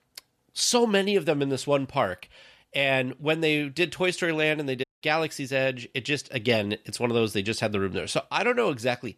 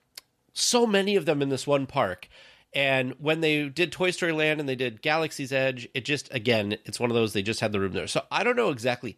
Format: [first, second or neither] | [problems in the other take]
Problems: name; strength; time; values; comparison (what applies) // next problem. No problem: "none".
second | audio cutting out; at 5 s